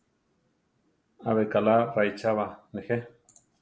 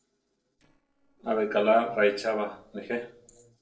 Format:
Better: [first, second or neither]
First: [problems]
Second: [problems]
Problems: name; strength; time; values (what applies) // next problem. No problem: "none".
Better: first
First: none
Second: noise reduction (neural separator model SepFormer DNS4)